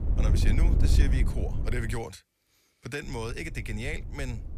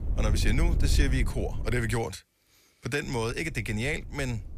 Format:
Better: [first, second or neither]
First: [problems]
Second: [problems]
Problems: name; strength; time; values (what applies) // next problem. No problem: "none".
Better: second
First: wind noise on the microphone; heavy; until 2 s and from 3 s on; 5 dB below the speech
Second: wind noise on the microphone; occasional gusts; until 2 s and from 3 s on; 15 dB below the speech